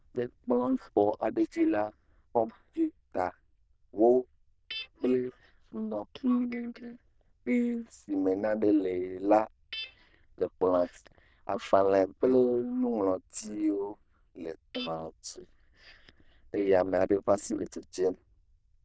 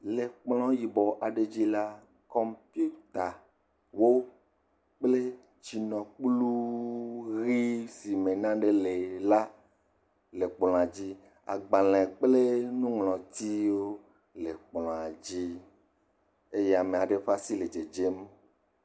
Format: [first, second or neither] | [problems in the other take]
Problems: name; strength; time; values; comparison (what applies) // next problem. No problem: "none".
second | noise reduction (neural diffusion model UNIVERSE++)